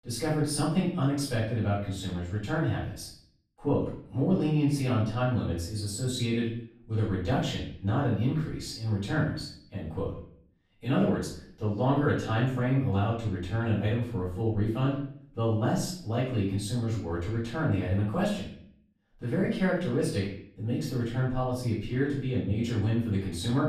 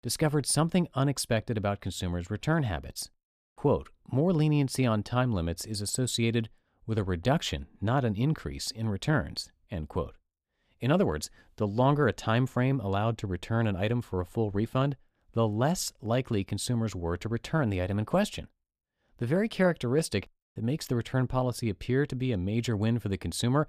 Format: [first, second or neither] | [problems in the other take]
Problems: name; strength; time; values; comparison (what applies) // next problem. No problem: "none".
second | off-mic speech; far // room echo; noticeable; dies away in 0.6 s